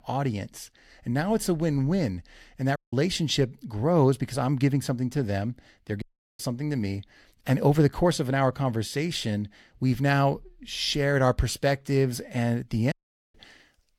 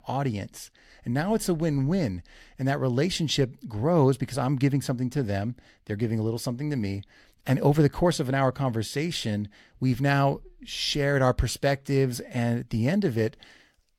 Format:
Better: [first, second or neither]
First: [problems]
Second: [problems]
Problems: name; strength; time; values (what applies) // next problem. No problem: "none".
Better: second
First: audio cutting out; at 3 s, at 6 s and at 13 s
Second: none